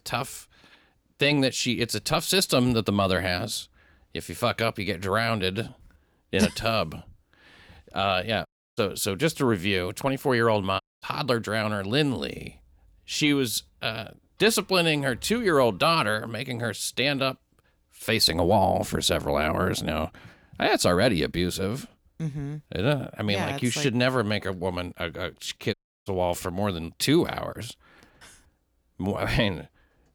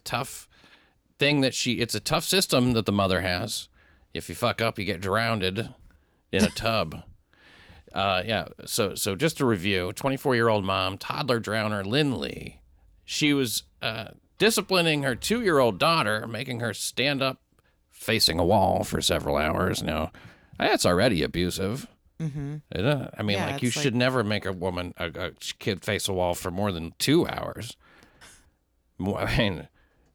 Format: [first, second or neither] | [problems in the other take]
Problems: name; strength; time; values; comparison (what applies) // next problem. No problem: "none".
second | audio cutting out; at 8.5 s, at 11 s and at 26 s